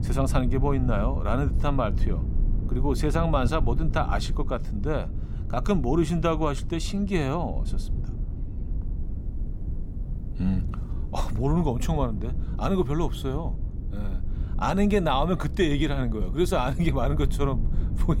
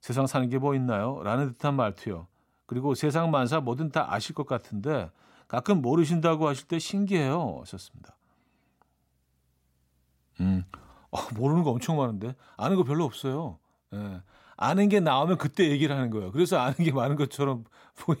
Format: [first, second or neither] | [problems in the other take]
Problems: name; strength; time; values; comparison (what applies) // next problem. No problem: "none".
second | low rumble; noticeable; throughout; 15 dB below the speech